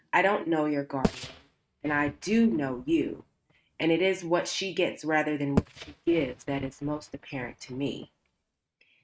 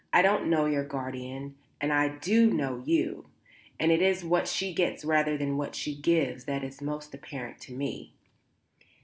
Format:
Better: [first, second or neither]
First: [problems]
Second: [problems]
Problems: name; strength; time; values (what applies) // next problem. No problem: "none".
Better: second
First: noise reduction (neural mask model RNNoise)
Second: none